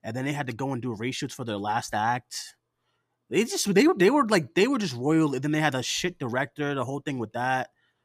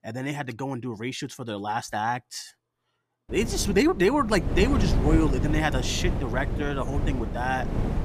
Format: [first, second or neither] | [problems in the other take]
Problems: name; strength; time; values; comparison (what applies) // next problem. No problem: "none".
first | wind noise on the microphone; heavy; from 3.5 s on; 9 dB below the speech